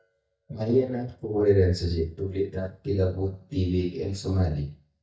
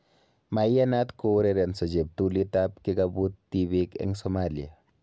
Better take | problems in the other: second | noise reduction (neural mask model DeepFilterNet 3)

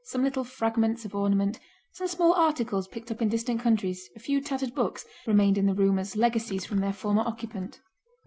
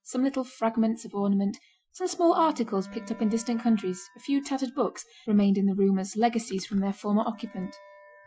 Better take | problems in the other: first | noise reduction (classical method Wiener filter)

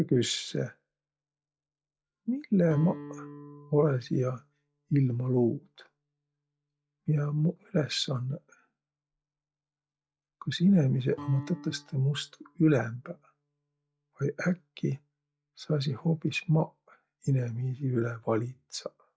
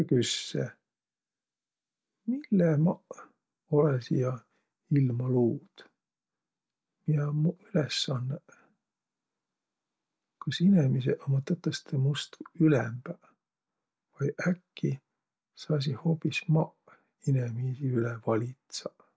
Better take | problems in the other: second | noise reduction (classical method log-MMSE)

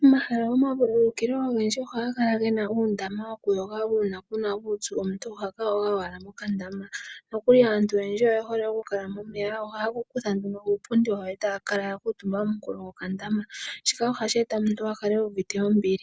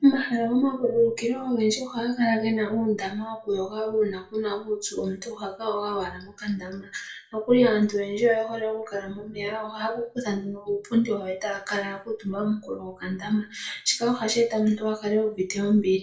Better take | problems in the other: first | room echo; dies away in 0.3 s

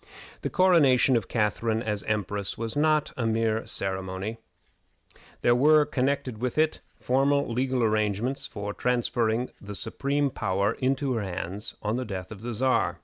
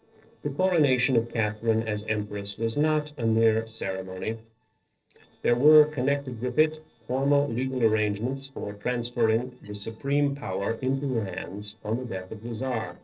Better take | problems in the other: first | noise reduction (neural separator model SepFormer DNS4)

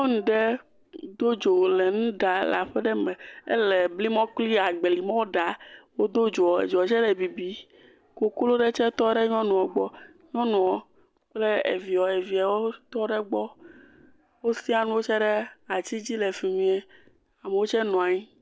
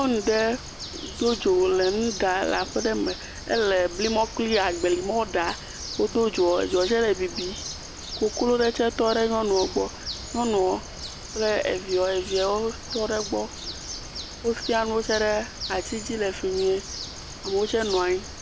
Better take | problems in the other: first | background sound (Bird); 11 dB below the speech

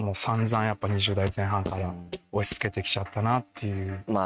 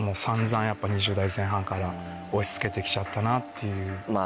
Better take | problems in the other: second | noise reduction (neural mask model RNNoise)

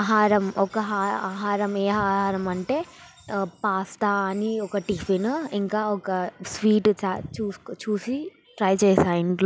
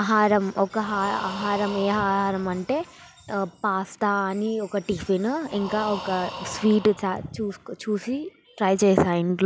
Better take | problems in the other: first | background sound (Breathing); 15 dB below the speech

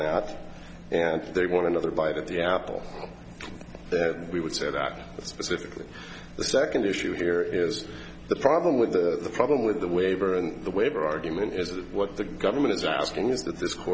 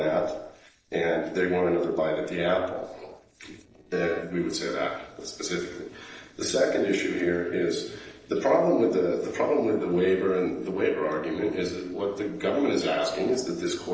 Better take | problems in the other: first | noise reduction (neural separator model SepFormer DNS4)

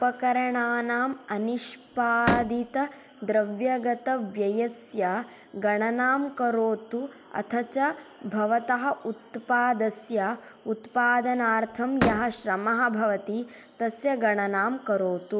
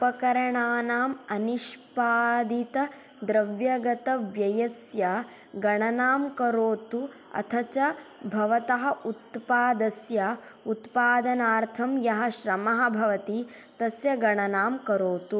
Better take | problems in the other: second | background sound (Slam); 5 dB below the speech

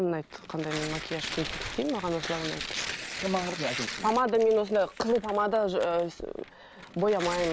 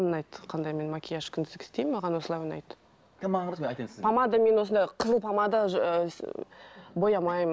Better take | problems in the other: second | background sound (Tearing); 10 dB below the speech

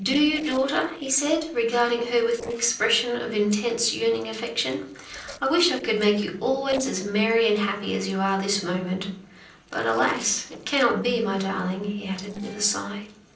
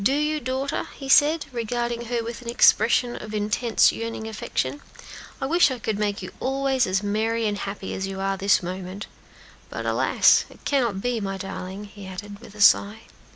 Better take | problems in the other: second | noise reduction (neural separator model SepFormer DNS4)

